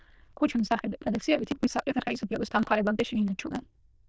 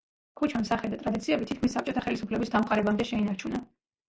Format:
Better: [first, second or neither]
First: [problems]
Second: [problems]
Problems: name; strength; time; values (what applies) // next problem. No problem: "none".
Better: second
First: noise reduction (neural diffusion model UNIVERSE++)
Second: none